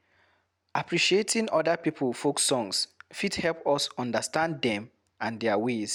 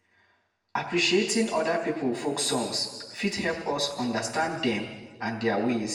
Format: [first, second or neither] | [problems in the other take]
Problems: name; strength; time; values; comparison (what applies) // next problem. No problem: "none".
first | room echo; dies away in 1.2 s